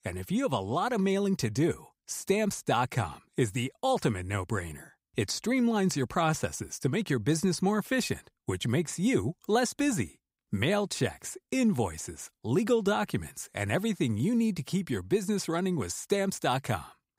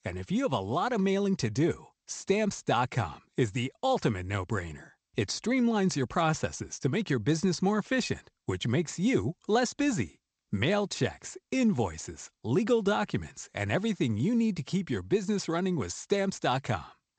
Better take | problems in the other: first | garbled, watery; slightly; nothing above 8 kHz

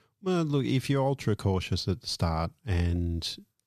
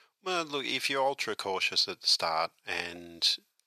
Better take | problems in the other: first | thin; very; fading below 700 Hz

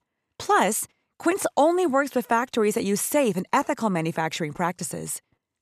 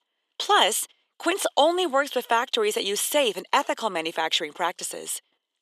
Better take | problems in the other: first | thin; somewhat; fading below 350 Hz

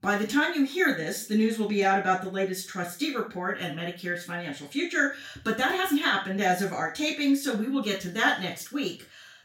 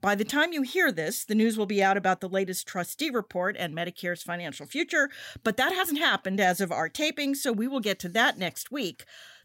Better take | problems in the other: second | room echo; slight; dies away in 0.3 s // off-mic speech; far

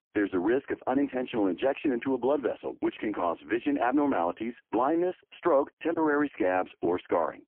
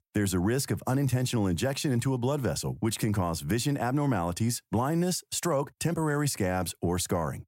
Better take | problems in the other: second | phone-call audio; poor line; nothing above 3 kHz

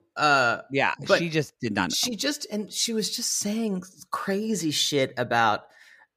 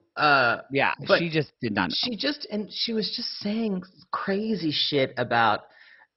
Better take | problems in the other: first | garbled, watery; badly; nothing above 5.5 kHz

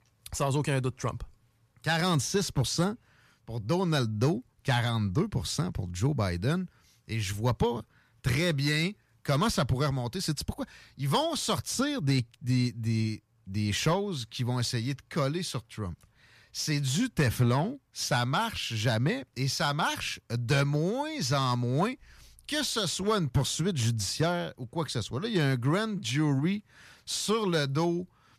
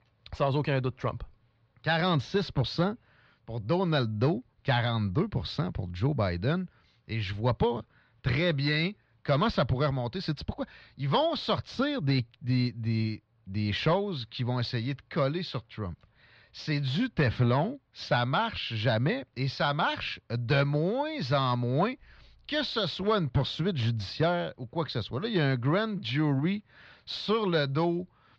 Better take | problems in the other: first | muffled; slightly; fading above 4 kHz

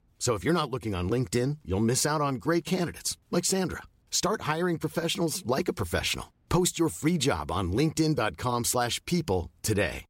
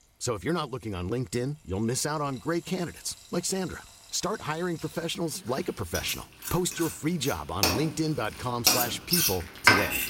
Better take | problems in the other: first | household noises; very loud; throughout; 4 dB above the speech

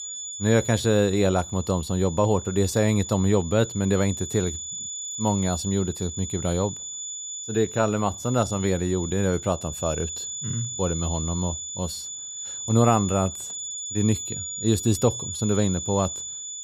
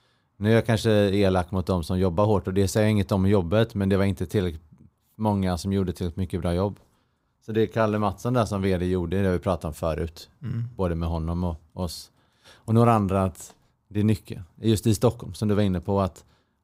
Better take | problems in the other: second | high-pitched whine; loud; throughout; 7 kHz, 7 dB below the speech

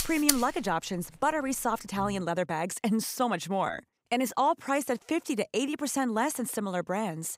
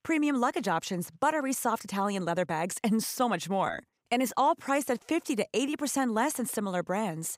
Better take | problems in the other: second | background music; loud; until 2 s; as loud as the speech

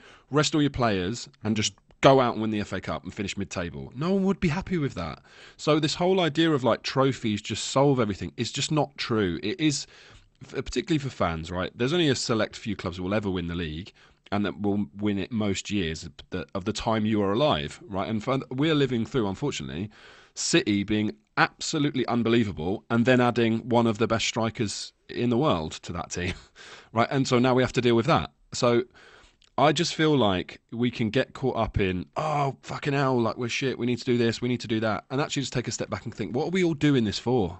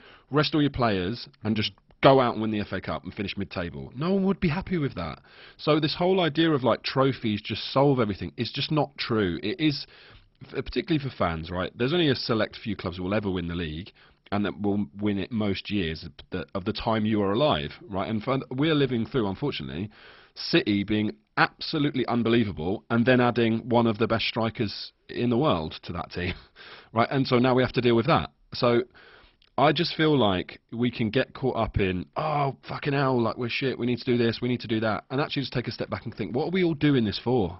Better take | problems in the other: first | garbled, watery; badly; nothing above 5.5 kHz; slightly in the first

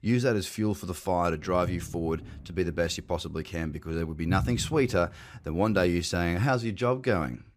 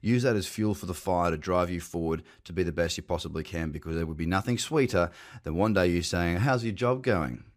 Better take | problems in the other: second | footsteps; noticeable; from 1.5 to 6 s; peak 4 dB below the speech

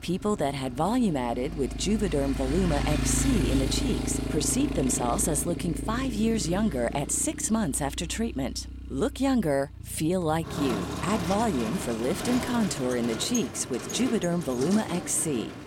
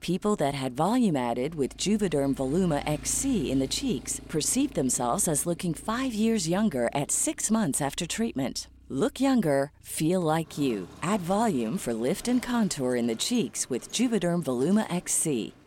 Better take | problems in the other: second | traffic noise; loud; throughout; 6 dB below the speech; faint in the second

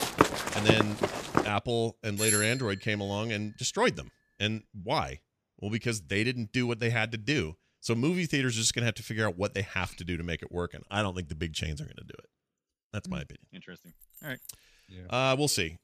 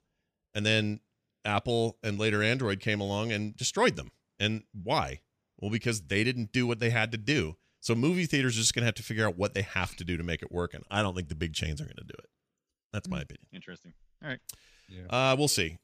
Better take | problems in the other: second | footsteps; loud; until 1.5 s; peak 4 dB above the speech // doorbell; loud; at 2 s; peak 3 dB above the speech // jangling keys; faint; at 14 s; peak 20 dB below the speech

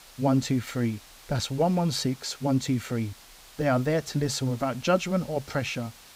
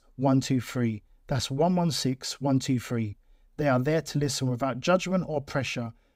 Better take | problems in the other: second | hiss; faint; throughout; 20 dB below the speech

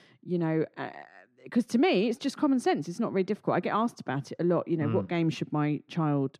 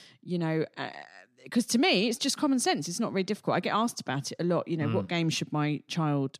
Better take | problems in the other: second | muffled; slightly; fading above 3 kHz

